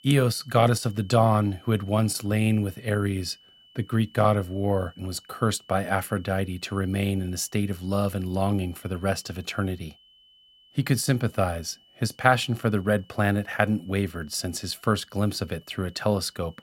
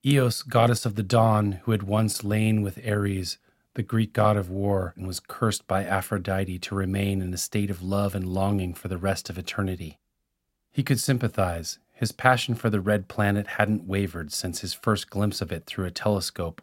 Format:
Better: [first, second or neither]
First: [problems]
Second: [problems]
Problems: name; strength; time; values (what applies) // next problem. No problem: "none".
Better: second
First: high-pitched whine; faint; throughout; 3 kHz, 30 dB below the speech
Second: none